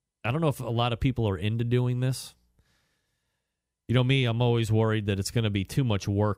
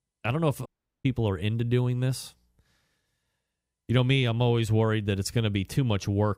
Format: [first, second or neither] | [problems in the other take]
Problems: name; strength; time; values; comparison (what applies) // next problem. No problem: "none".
first | audio cutting out; at 0.5 s